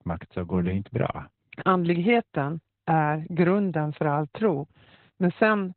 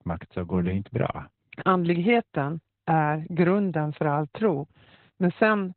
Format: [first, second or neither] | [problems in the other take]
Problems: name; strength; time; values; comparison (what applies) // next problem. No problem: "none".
neither | garbled, watery; badly; nothing above 4 kHz; the same in both